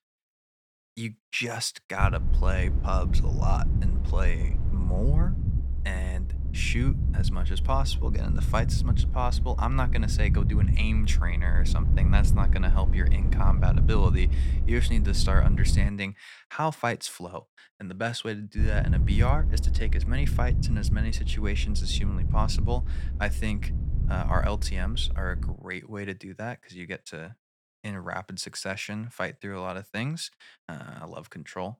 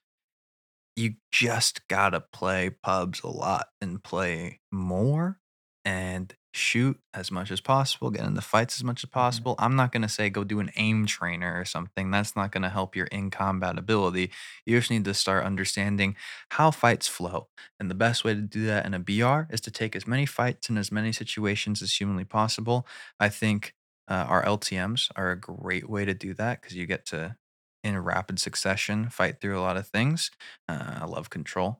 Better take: second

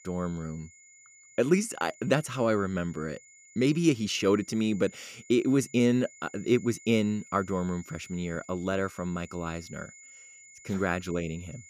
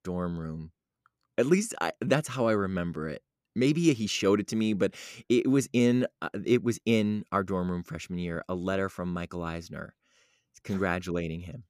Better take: second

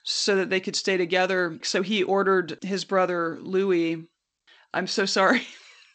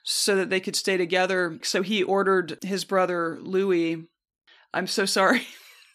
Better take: second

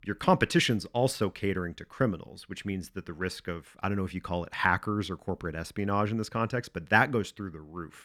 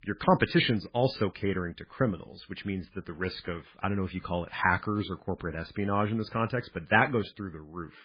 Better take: first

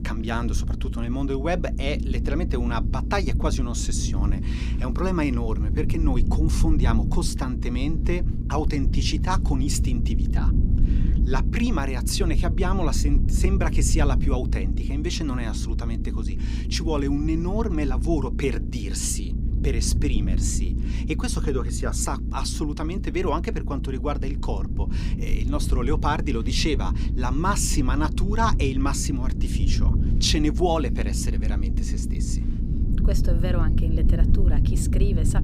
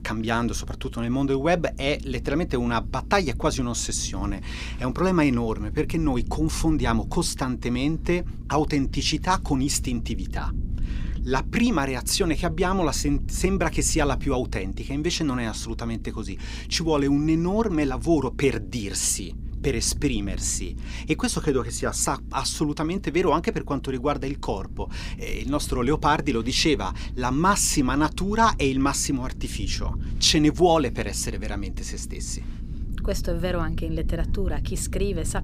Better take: second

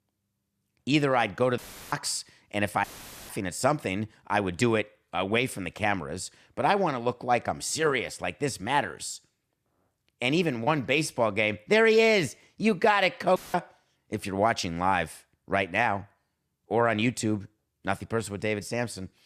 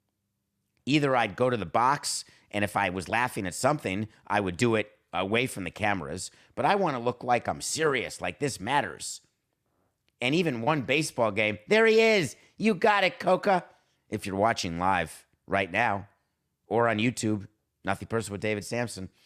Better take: second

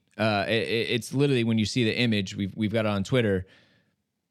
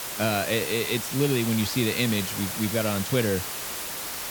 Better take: first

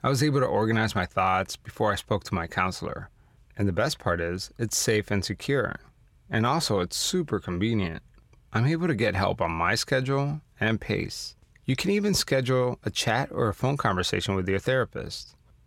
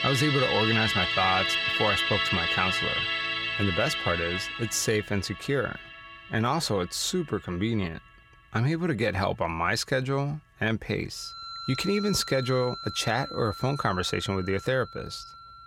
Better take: first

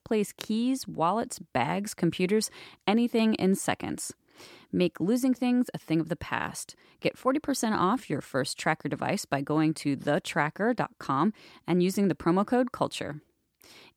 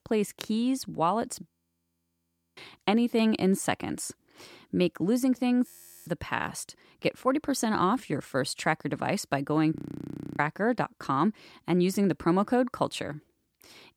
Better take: first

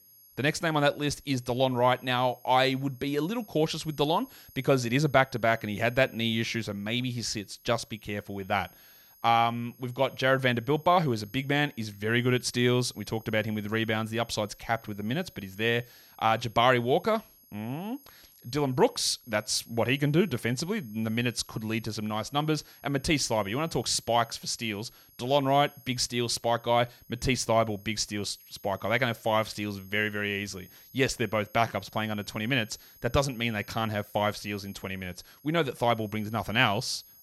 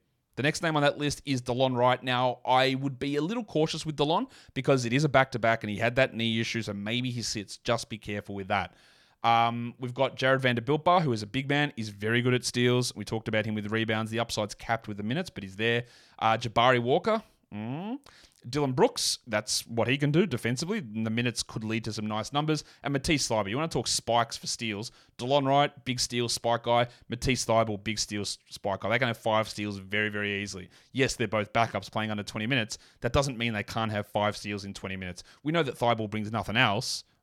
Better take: second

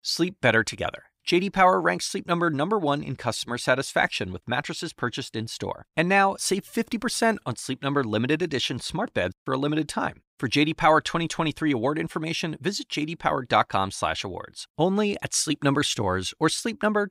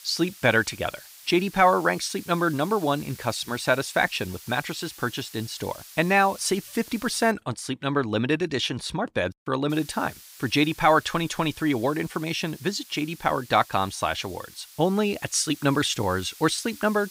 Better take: first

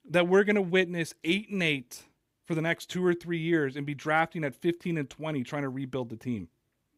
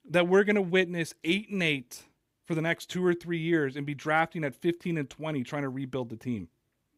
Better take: neither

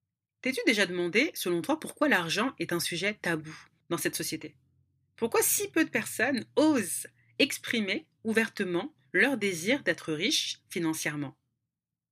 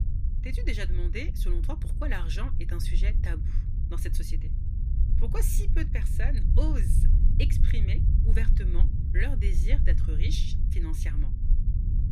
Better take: first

